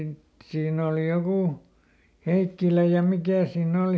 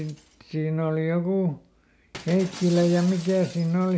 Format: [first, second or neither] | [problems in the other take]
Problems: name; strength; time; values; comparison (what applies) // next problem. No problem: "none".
first | background sound (Shatter); 20 dB below the speech